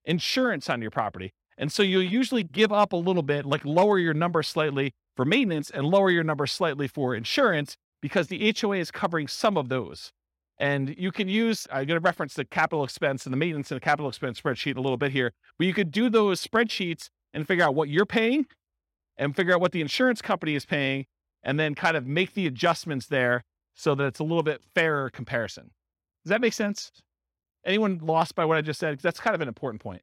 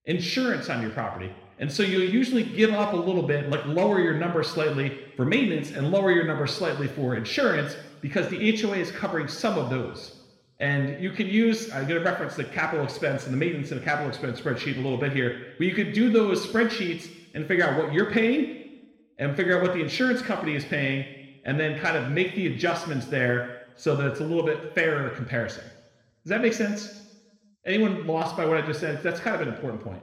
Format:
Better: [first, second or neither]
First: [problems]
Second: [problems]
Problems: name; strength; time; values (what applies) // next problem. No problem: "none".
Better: first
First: none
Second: room echo; noticeable; dies away in 1 s // off-mic speech; somewhat distant